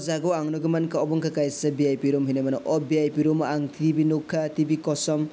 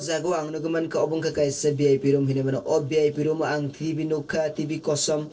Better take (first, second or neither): first